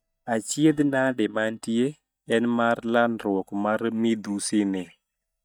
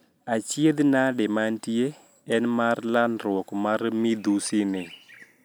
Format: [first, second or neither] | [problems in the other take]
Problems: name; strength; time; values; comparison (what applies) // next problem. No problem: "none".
second | noise reduction (neural mask model DeepFilterNet 3)